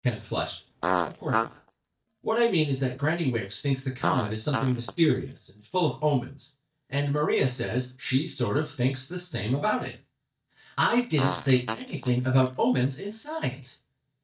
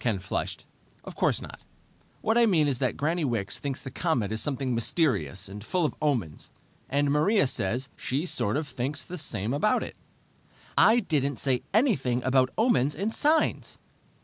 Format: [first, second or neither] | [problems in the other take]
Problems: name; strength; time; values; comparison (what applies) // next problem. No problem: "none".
second | noise reduction (neural mask model DeepFilterNet 3)